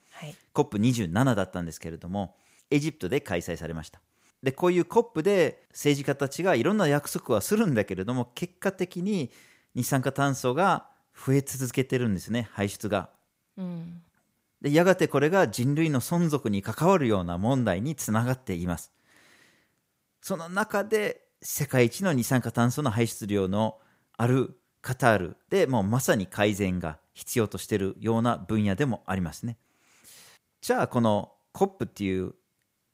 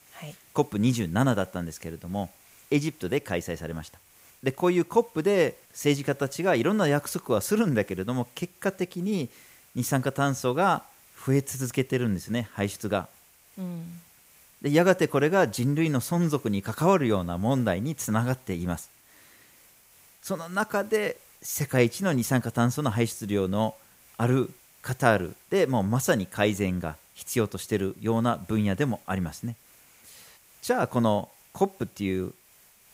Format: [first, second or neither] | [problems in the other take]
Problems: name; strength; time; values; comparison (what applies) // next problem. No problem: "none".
first | hiss; faint; throughout; 25 dB below the speech